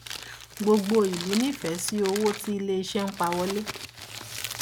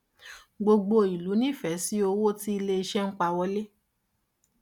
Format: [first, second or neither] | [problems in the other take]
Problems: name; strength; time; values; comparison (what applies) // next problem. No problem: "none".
second | background sound (Crumpling, crinkling); 10 dB below the speech